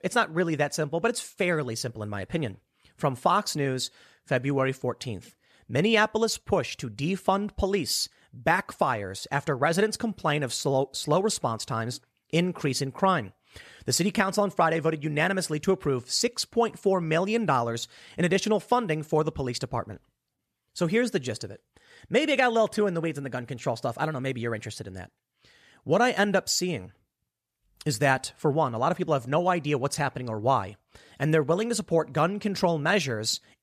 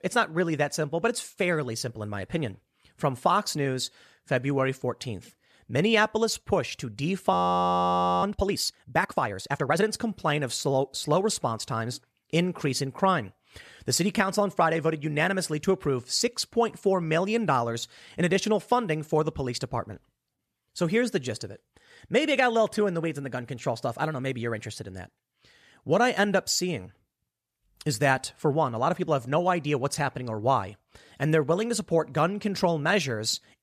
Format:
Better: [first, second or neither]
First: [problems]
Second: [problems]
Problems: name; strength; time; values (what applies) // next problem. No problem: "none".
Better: first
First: none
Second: audio freezing; at 7.5 s for 1 s